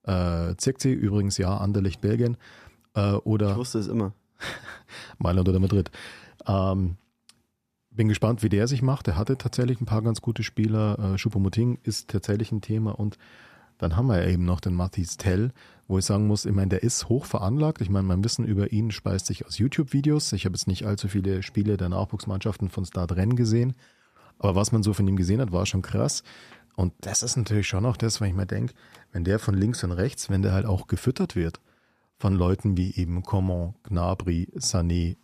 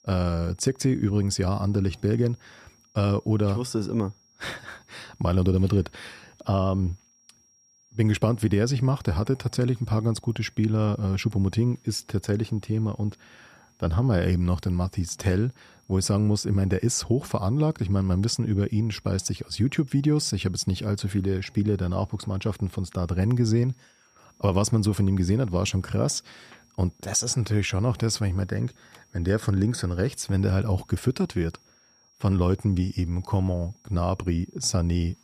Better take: first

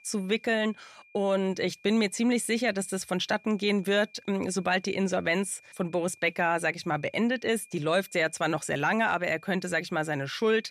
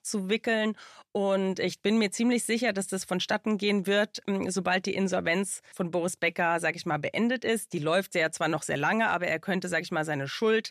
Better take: second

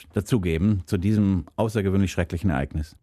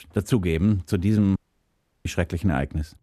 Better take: first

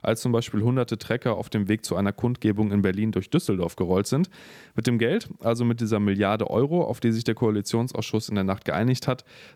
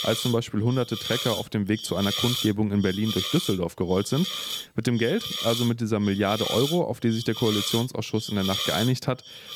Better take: first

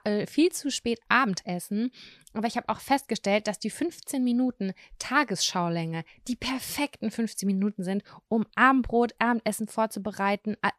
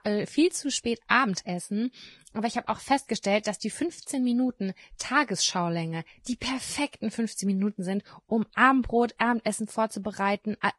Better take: first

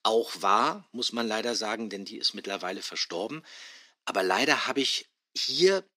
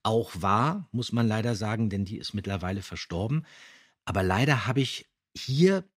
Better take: second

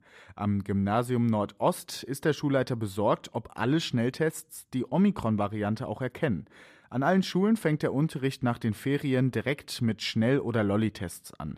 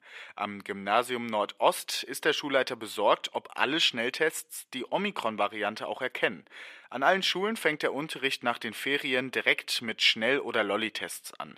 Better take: first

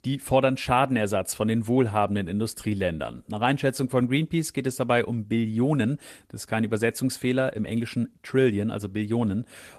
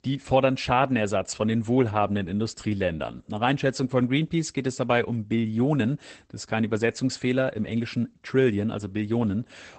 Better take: first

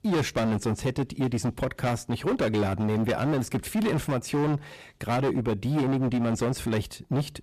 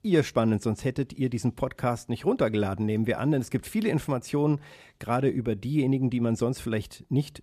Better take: second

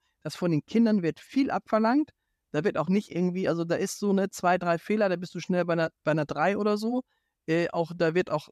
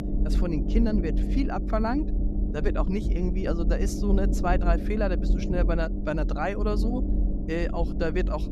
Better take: first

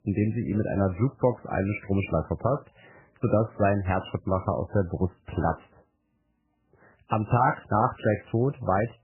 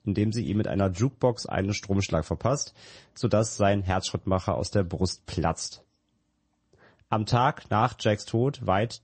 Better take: second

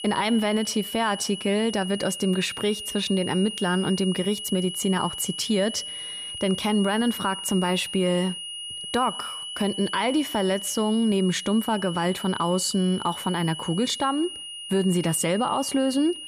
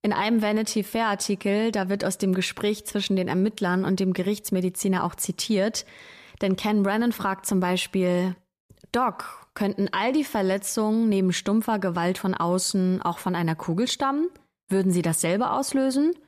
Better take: second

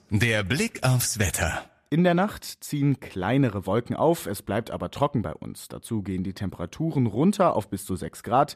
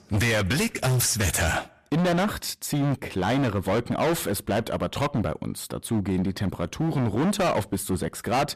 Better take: first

